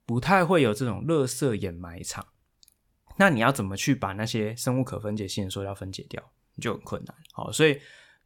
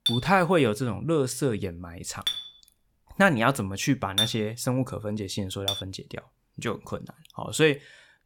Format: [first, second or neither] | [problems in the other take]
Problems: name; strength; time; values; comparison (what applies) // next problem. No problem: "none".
first | clattering dishes; loud; until 6 s; peak 1 dB above the speech